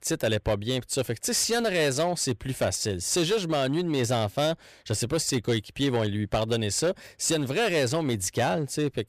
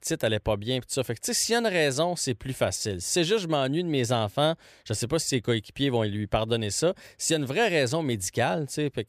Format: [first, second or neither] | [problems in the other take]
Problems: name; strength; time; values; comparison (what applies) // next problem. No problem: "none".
second | distortion; slight; 9% of the sound clipped